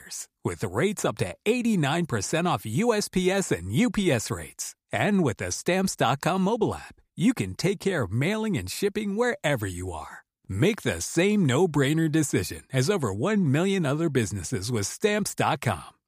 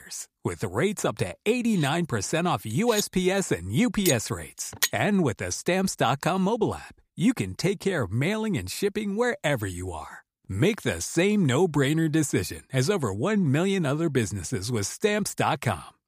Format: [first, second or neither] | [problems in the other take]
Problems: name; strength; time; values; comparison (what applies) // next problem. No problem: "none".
first | clattering dishes; noticeable; from 2 to 5 s; peak 1 dB below the speech